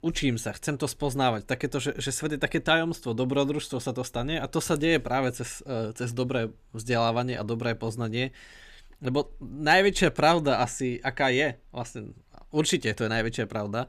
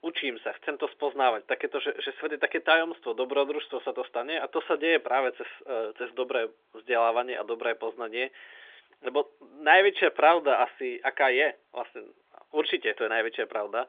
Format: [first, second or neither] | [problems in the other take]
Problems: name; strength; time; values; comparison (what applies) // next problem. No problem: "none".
first | phone-call audio; nothing above 3.5 kHz